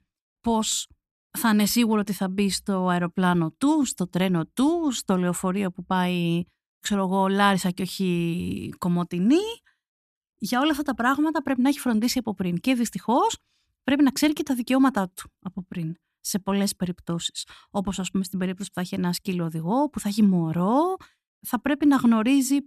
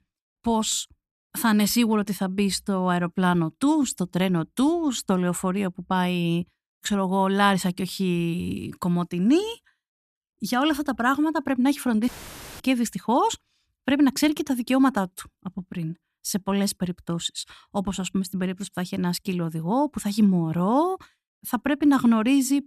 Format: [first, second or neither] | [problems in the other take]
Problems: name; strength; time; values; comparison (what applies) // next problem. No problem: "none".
first | audio cutting out; filled with static; at 12 s for 0.5 s